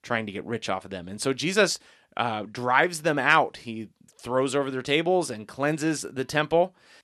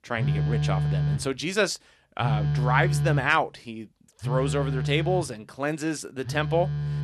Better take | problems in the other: first | alarms or sirens; very loud; throughout; as loud as the speech

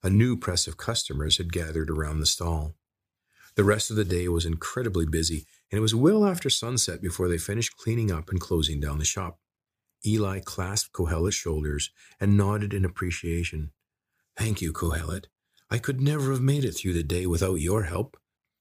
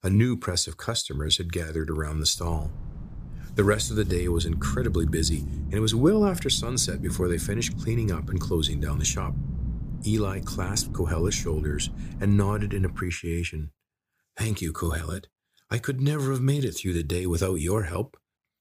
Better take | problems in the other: first | low rumble; noticeable; from 2.5 to 13 s; 15 dB below the speech

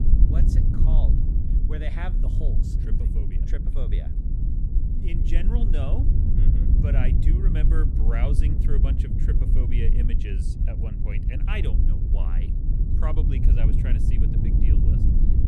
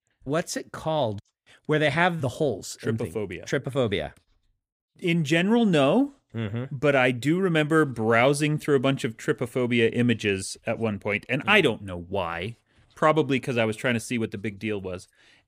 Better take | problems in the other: second | low rumble; loud; throughout; as loud as the speech

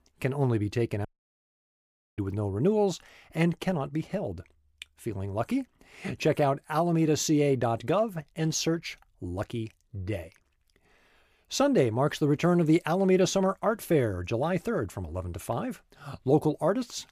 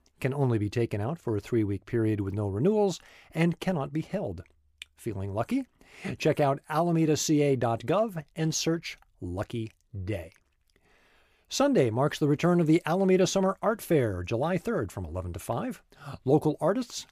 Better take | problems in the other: second | audio cutting out; at 1 s for 1 s

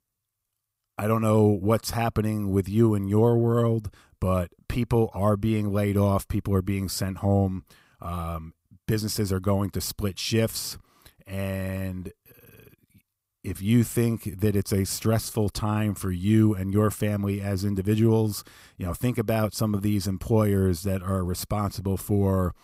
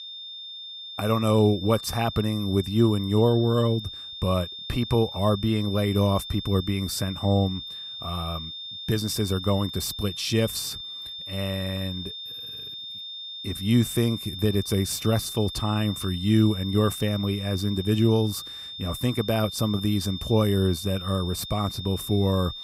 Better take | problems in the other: first | high-pitched whine; loud; throughout; 3.5 kHz, 10 dB below the speech

